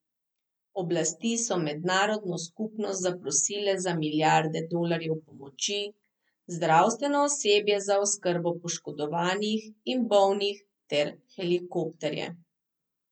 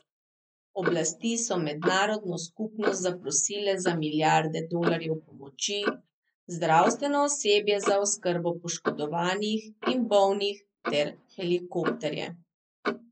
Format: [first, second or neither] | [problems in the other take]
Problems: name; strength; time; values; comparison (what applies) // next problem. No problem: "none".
first | noise reduction (neural mask model Resemble Enhance denoiser)